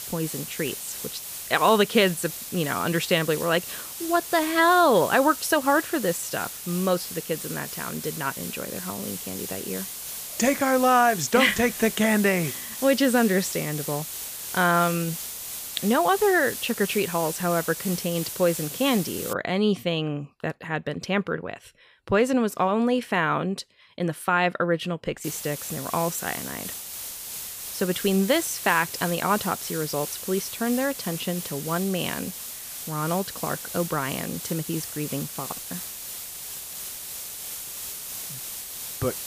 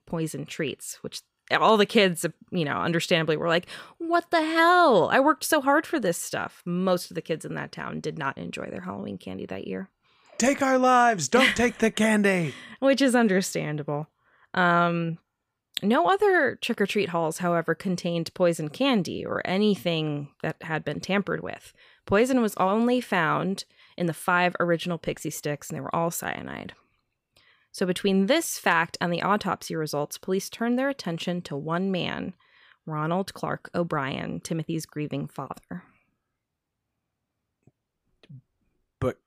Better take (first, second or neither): second